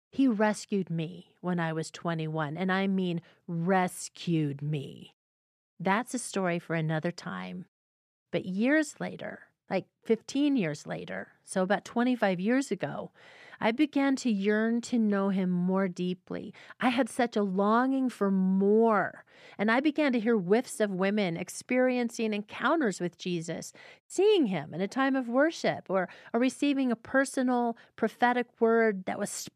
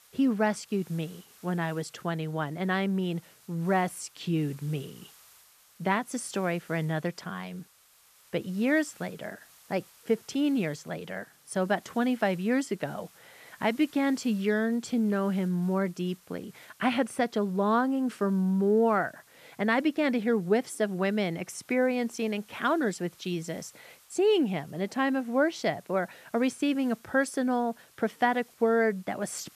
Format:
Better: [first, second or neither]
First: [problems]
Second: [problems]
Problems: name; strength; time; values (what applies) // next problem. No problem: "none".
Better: first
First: none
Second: hiss; faint; throughout; 25 dB below the speech